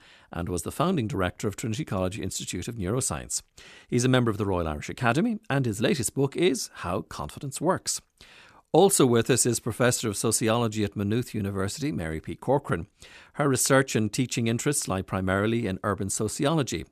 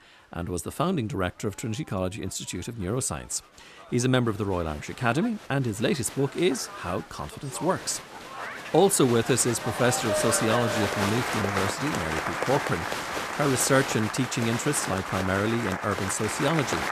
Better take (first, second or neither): first